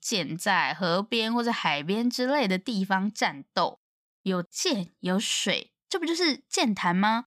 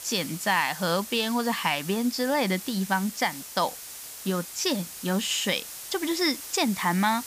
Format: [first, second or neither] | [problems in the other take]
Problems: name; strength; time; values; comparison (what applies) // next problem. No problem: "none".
first | hiss; noticeable; throughout; 10 dB below the speech